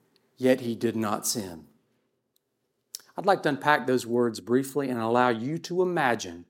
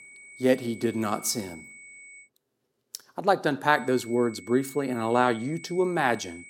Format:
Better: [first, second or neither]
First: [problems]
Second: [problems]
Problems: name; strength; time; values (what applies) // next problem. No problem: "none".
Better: first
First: none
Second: high-pitched whine; noticeable; until 2 s and from 3.5 s on; 2 kHz, 20 dB below the speech